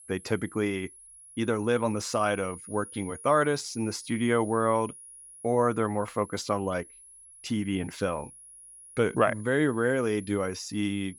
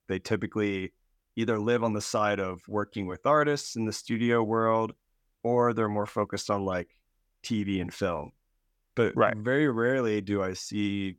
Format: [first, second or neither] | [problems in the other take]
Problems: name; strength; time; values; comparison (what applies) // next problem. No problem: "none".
second | high-pitched whine; noticeable; throughout; 10.5 kHz, 15 dB below the speech